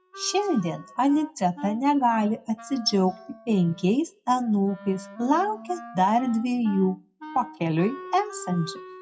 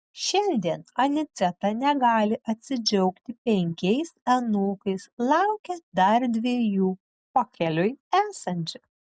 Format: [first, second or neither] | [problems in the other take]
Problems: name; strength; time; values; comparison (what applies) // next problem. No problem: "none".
second | noise reduction (classical method WPE with log-MMSE)